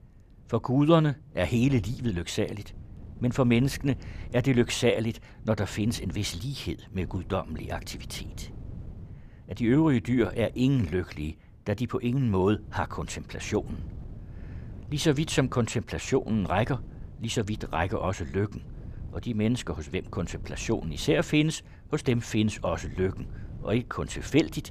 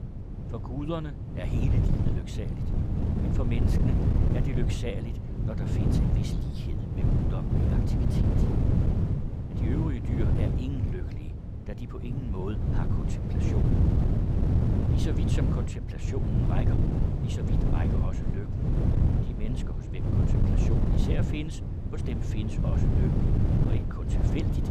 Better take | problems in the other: first | wind noise on the microphone; heavy; 4 dB above the speech; occasional gusts in the first

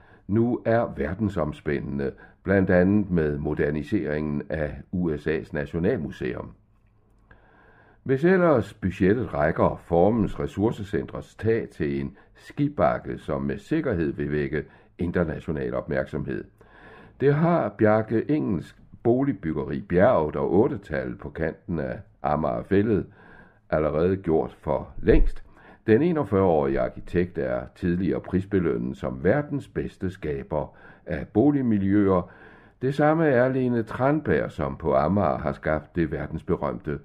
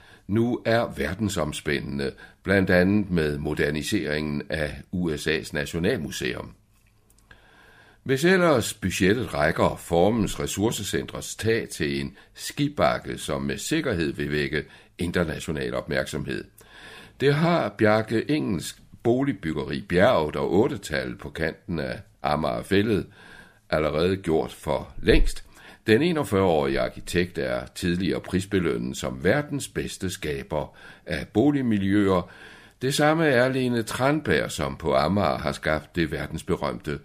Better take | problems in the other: second | muffled; very; fading above 2.5 kHz

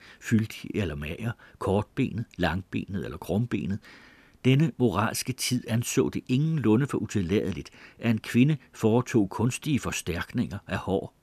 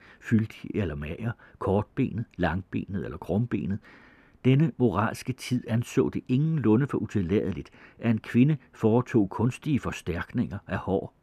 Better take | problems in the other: first | muffled; slightly; fading above 3 kHz

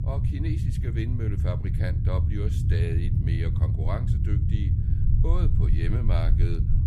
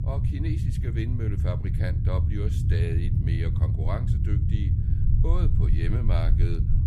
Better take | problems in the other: neither | low rumble; loud; throughout; 1 dB below the speech; the same in both

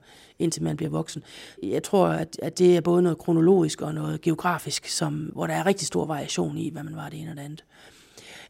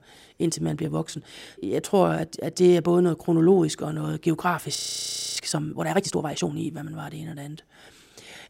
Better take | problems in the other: first | audio freezing; at 5 s for 0.5 s

